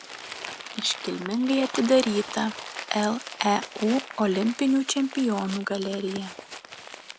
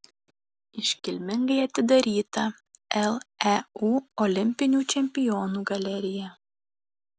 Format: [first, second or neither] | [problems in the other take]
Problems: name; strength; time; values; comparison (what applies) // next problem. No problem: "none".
second | background sound (Crumpling, crinkling); 13 dB below the speech